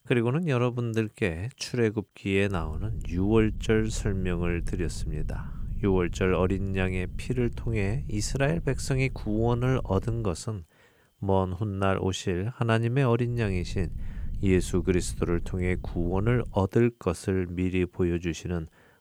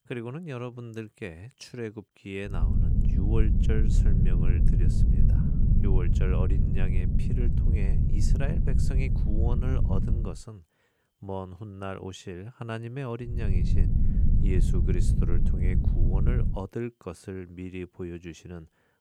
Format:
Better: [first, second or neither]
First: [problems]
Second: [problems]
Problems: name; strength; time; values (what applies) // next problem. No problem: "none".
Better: first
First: low rumble; faint; from 2.5 to 10 s and from 13 to 17 s; 25 dB below the speech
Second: low rumble; loud; from 2.5 to 10 s and from 13 to 17 s; 1 dB below the speech